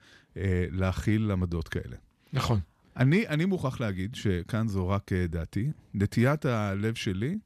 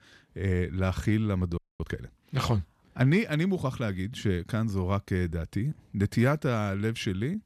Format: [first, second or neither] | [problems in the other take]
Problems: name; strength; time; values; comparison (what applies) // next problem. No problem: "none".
first | audio freezing; at 1.5 s